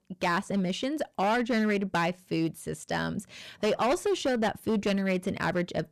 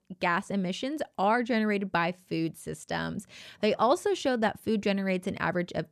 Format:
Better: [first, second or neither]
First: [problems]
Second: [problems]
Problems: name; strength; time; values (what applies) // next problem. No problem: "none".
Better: second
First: distortion; slight; 8% of the sound clipped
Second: none